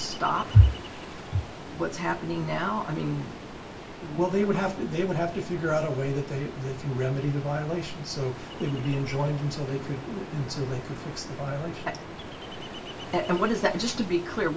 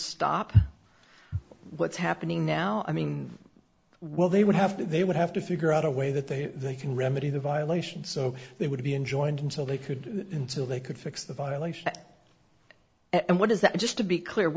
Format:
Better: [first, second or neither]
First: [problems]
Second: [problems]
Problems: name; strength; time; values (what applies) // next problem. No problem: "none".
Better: second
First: background sound (Ocean); 12 dB below the speech // room echo; dies away in 0.2 s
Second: none